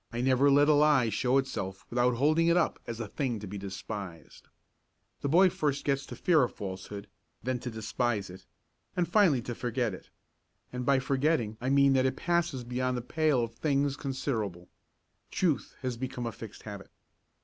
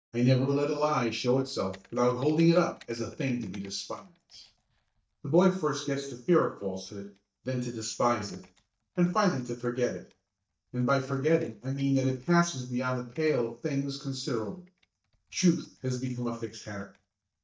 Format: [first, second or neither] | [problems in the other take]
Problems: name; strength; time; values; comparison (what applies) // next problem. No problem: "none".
first | noise reduction (neural mask model DeepFilterNet 3)